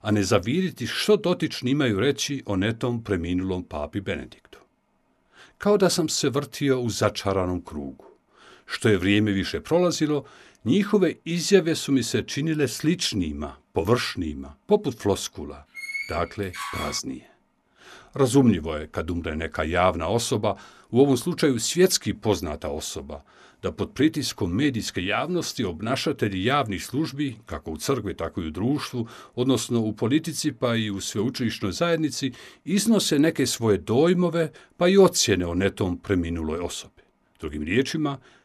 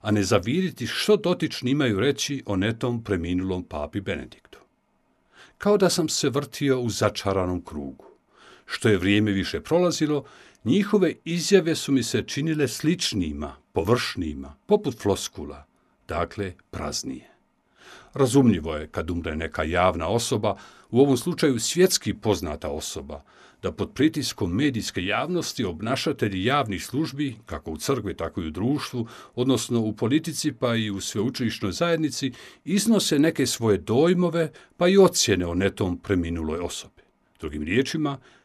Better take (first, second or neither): second